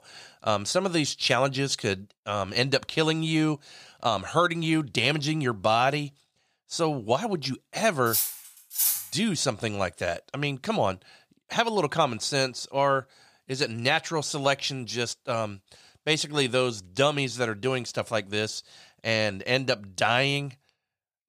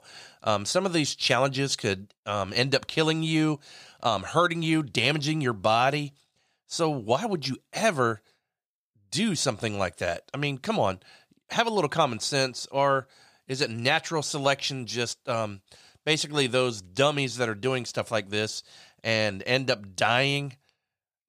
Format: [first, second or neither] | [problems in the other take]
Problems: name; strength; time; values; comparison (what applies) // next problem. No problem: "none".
second | clattering dishes; loud; at 8 s; peak 3 dB above the speech